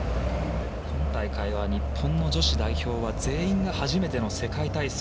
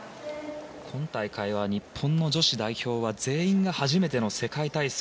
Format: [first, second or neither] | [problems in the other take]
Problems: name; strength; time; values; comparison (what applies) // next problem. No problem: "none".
second | background sound (Alarm / Truck); 1 dB above the speech